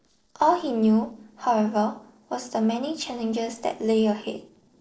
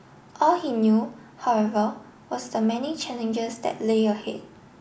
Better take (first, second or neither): second